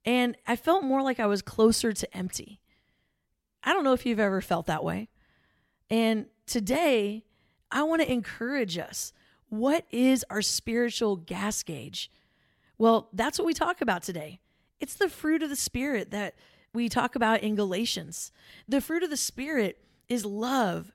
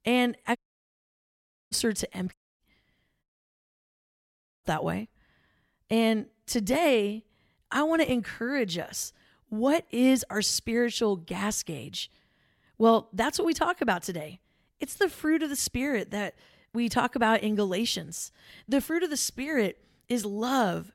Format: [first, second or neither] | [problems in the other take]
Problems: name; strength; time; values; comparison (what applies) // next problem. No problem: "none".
first | audio cutting out; at 0.5 s for 1 s, at 2.5 s and at 3 s for 1.5 s